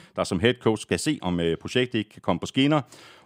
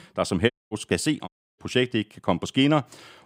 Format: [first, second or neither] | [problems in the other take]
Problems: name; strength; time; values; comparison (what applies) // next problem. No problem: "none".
first | audio cutting out; at 0.5 s and at 1.5 s